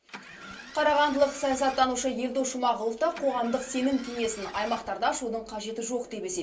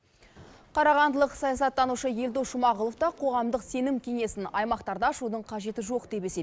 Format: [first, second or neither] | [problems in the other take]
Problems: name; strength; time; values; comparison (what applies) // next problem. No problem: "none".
second | background sound (Engine starting); 18 dB below the speech // room echo; dies away in 0.3 s